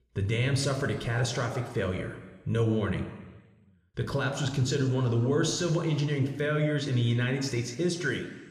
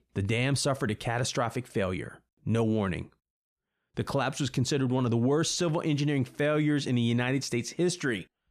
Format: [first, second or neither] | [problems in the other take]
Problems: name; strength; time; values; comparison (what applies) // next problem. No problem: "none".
second | room echo; slight; dies away in 1.2 s